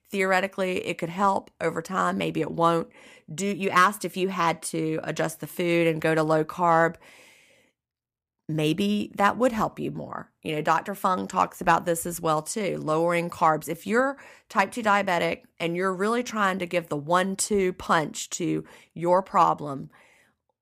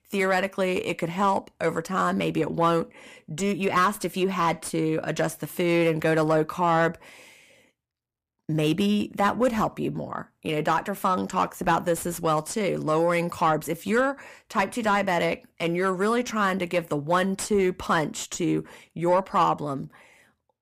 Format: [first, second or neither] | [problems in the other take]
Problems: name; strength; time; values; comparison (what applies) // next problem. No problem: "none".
first | distortion; slight; 10 dB below the speech